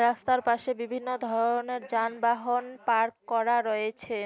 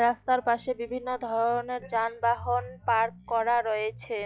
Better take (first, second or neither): first